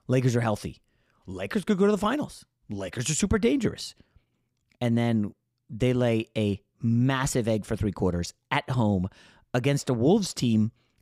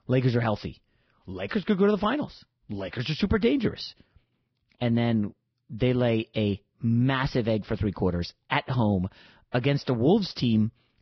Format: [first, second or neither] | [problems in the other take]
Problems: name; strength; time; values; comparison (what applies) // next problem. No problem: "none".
first | garbled, watery; badly; nothing above 5.5 kHz